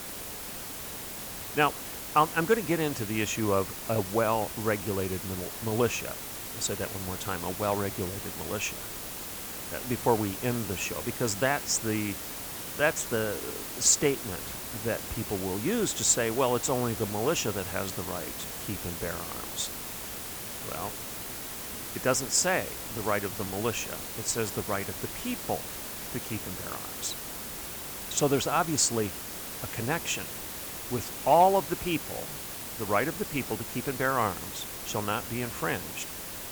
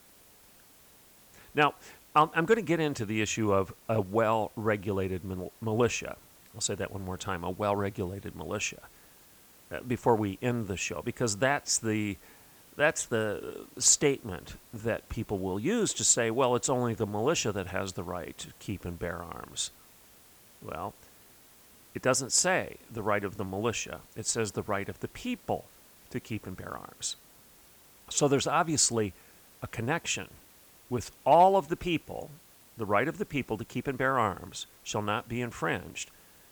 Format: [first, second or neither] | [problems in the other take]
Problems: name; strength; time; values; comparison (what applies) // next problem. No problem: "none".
second | hiss; loud; throughout; 6 dB below the speech; faint in the second